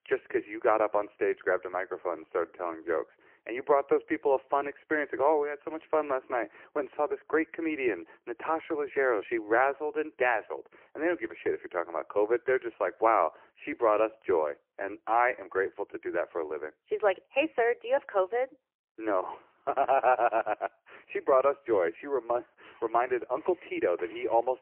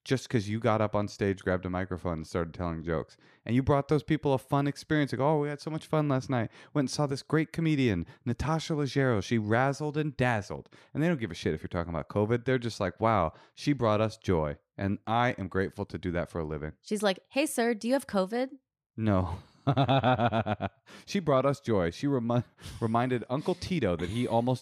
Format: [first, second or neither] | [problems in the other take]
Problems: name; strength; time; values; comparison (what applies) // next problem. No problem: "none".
second | phone-call audio; poor line; nothing above 3 kHz